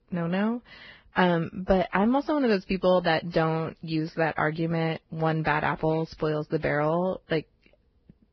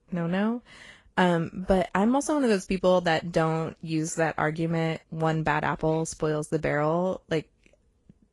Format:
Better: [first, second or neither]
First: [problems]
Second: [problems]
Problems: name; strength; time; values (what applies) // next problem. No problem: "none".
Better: second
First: garbled, watery; badly; nothing above 5 kHz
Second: garbled, watery; slightly; nothing above 10.5 kHz